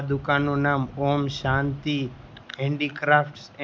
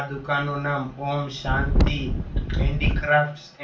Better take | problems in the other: first | background sound (Wind); 5 dB above the speech // room echo; dies away in 0.3 s

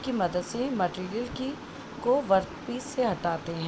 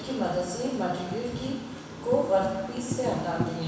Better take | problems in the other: first | background sound (Tambourine); 9 dB below the speech // room echo; dies away in 1.1 s

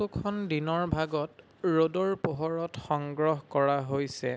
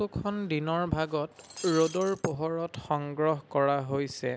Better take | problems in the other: first | background sound (Shatter); 14 dB below the speech

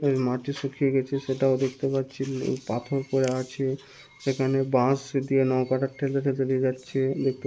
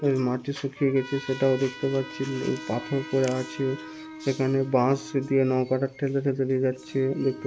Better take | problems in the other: first | background sound (Trumpet + Bowed string instrument); 16 dB below the speech

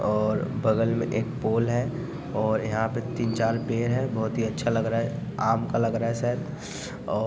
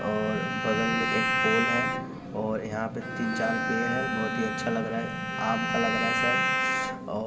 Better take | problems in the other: first | background sound (Bowed string instrument); as loud as the speech // room echo; dies away in 1.9 s

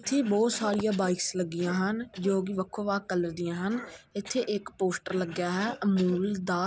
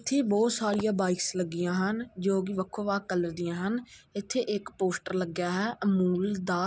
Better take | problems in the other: second | background sound (Cough); 18 dB below the speech

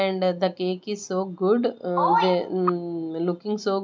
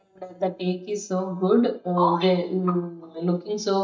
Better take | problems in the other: first | noise reduction (neural mask model DeepFilterNet 3)

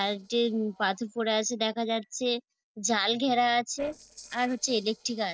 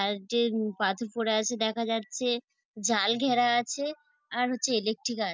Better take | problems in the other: second | noise reduction (neural separator model SepFormer DNS4)

